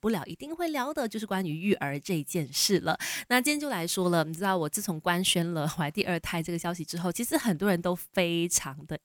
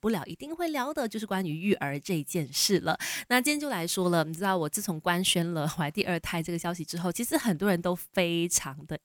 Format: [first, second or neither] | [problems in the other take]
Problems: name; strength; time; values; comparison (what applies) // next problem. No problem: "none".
neither | none